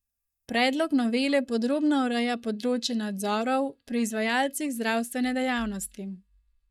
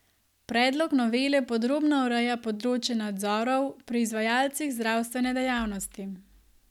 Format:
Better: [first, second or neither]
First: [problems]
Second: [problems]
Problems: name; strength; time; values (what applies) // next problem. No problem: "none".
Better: second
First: noise reduction (neural mask model DeepFilterNet 3)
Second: none